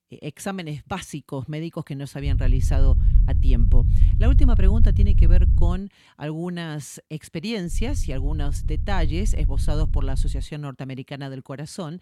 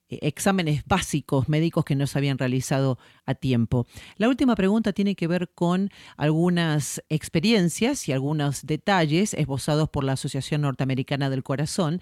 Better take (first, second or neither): second